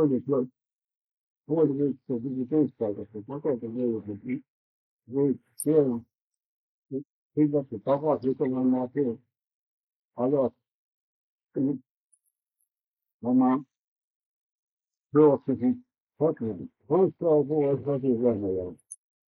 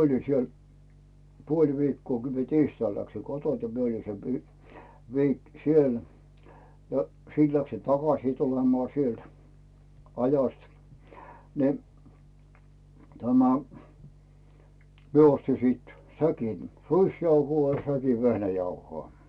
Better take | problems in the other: second | noise reduction (neural mask model Resemble Enhance denoiser)

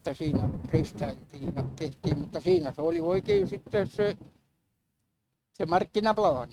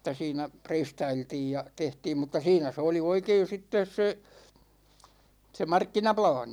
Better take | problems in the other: second | noise reduction (neural mask model RNNoise)

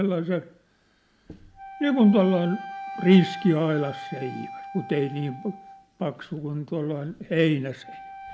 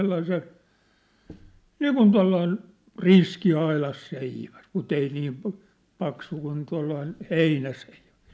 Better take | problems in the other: second | background sound (Wind instrument, woodwind instrument); 16 dB below the speech

